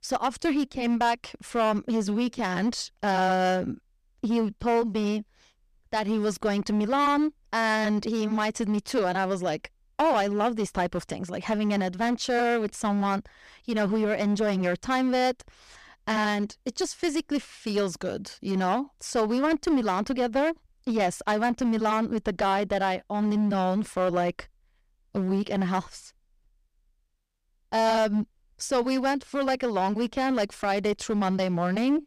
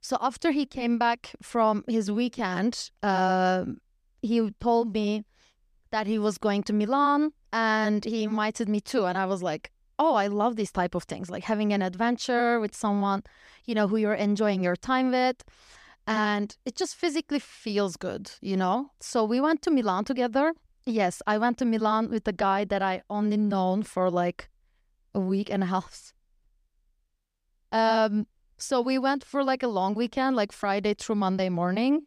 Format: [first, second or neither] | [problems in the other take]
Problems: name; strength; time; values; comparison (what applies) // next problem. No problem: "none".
second | distortion; slight; 8% of the sound clipped